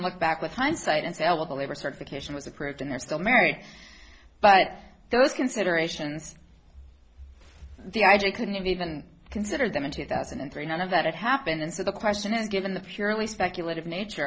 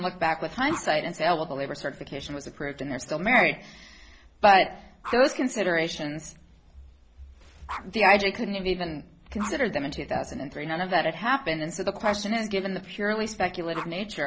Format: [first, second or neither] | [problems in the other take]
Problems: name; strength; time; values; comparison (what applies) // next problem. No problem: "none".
first | background sound (Dog); 18 dB below the speech